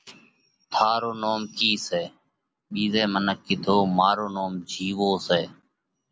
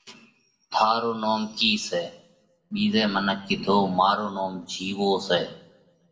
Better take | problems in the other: first | room echo; dies away in 0.6 s

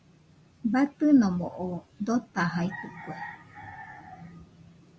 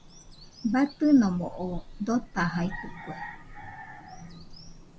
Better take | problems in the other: first | background sound (Bird vocalization, bird call, bird song); 16 dB below the speech

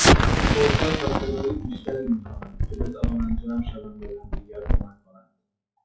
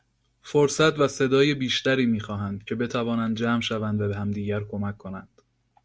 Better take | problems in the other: second | noise reduction (classical method WPE with log-MMSE)

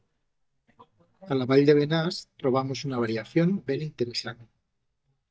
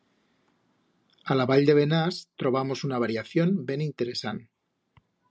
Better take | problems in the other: second | noise reduction (neural mask model DeepFilterNet 3)

